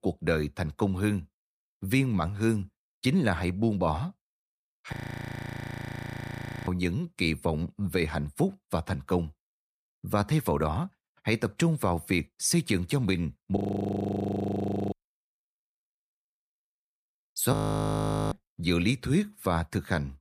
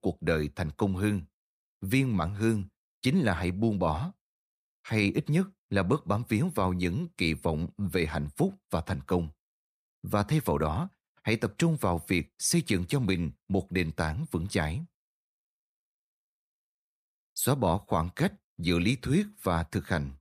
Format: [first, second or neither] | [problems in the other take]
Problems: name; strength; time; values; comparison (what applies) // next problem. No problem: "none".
second | audio freezing; at 5 s for 1.5 s, at 14 s for 1.5 s and at 18 s for 1 s